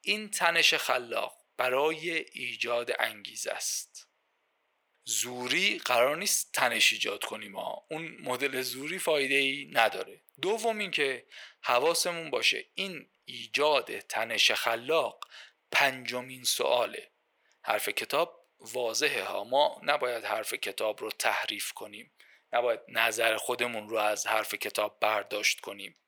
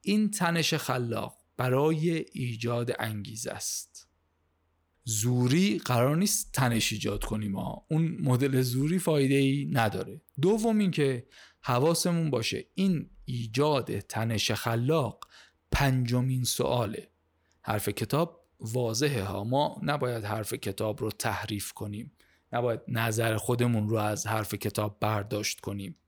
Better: second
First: thin; very; fading below 600 Hz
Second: none

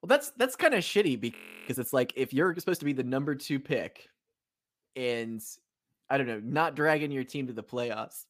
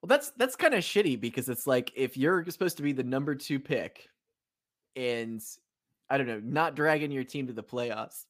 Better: second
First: audio freezing; at 1.5 s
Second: none

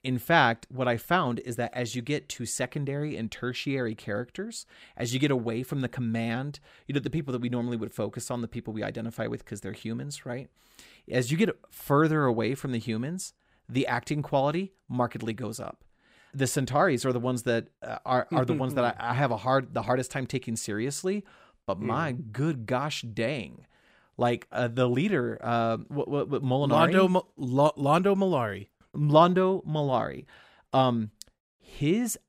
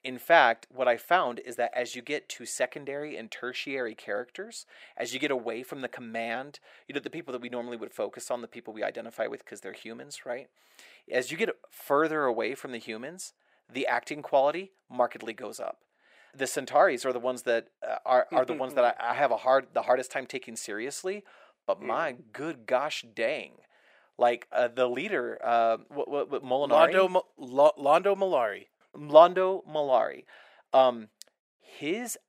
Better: first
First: none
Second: thin; very; fading below 400 Hz

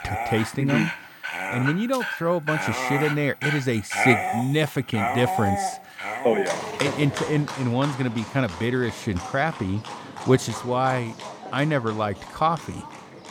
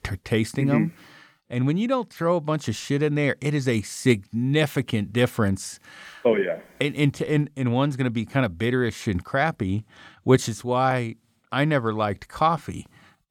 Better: second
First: animal sounds; loud; throughout; 5 dB below the speech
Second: none

